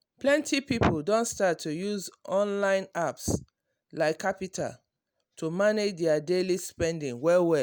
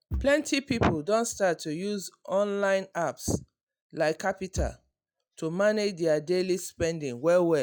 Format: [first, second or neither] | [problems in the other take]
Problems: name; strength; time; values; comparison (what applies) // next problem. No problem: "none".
first | noise reduction (classical method log-MMSE)